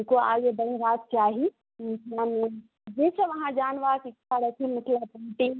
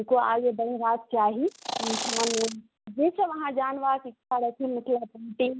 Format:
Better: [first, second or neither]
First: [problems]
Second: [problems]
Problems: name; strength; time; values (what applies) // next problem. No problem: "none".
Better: first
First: none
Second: background sound (Insect); 4 dB below the speech